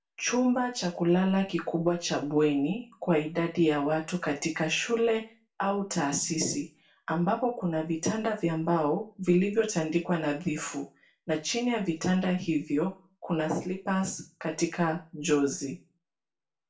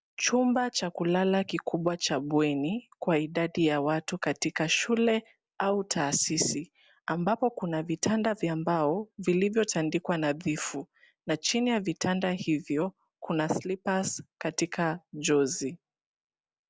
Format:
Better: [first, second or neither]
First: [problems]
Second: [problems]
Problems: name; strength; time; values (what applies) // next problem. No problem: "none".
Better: second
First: room echo; dies away in 0.3 s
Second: none